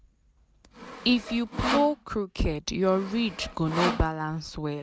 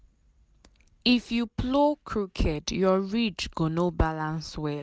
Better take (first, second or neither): second